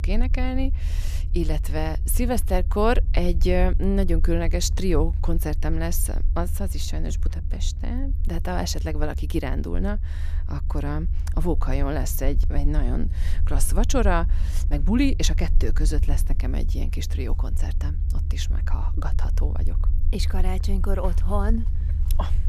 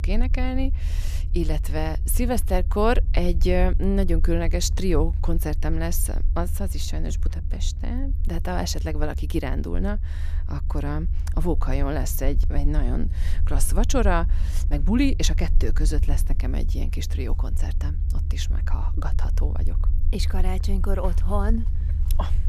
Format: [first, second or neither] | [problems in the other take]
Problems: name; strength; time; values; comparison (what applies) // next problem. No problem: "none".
neither | low rumble; noticeable; throughout; 15 dB below the speech; the same in both